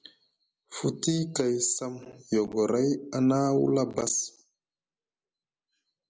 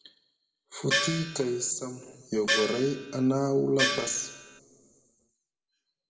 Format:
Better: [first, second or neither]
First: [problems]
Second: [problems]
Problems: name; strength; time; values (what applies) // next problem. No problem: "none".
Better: first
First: none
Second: background sound (Gong); as loud as the speech // room echo; dies away in 1.1 s